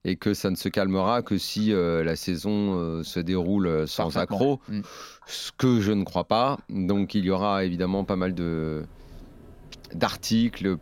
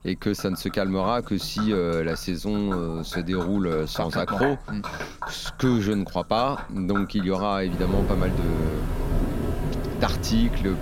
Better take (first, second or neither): first